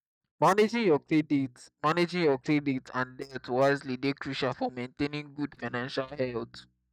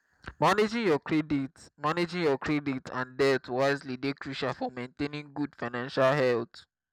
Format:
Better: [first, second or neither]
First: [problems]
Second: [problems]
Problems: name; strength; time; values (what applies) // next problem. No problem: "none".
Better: second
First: noise reduction (neural mask model DeepFilterNet 3)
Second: none